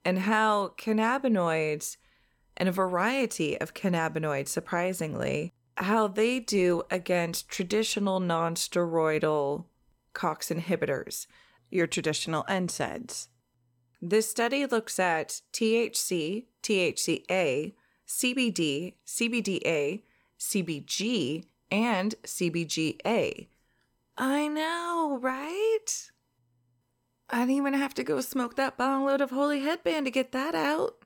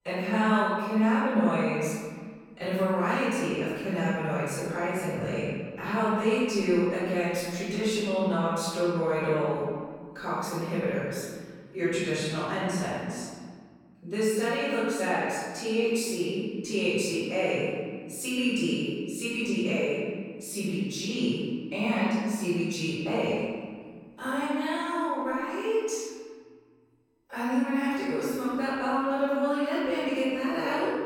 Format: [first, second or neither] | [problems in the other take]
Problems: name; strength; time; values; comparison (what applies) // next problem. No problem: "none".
first | off-mic speech; far // room echo; strong; dies away in 1.7 s